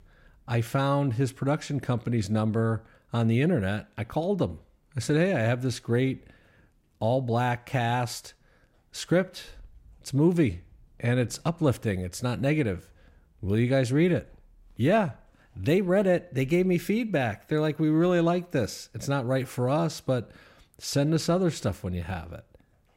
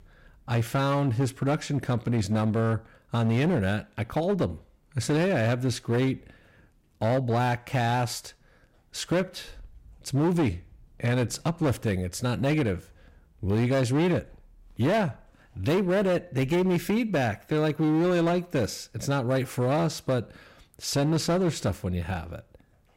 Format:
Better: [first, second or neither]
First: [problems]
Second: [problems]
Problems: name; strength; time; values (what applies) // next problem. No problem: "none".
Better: first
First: none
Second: distortion; slight; 11% of the sound clipped